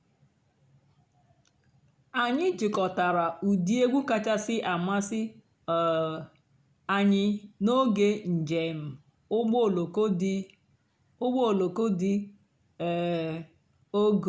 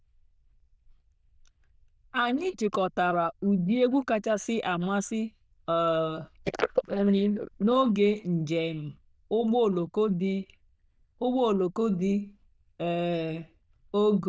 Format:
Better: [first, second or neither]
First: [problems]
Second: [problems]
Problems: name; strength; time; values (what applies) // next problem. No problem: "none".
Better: first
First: none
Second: noise reduction (neural diffusion model UNIVERSE++)